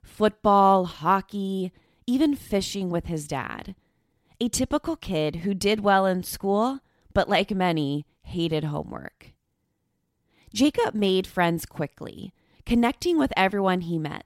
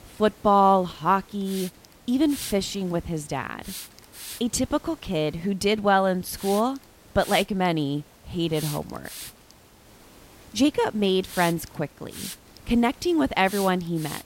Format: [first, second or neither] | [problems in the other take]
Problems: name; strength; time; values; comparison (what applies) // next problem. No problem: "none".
first | hiss; noticeable; throughout; 15 dB below the speech